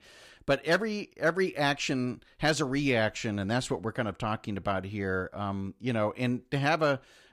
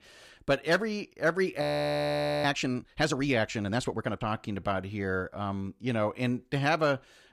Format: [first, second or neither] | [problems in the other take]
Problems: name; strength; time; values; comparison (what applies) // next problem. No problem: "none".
first | audio freezing; at 1.5 s for 1 s